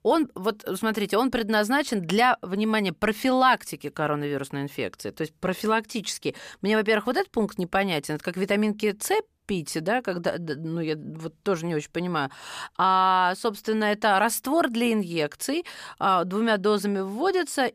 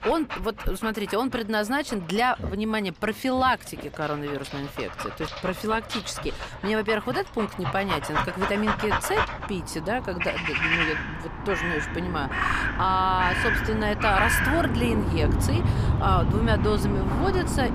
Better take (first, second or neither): first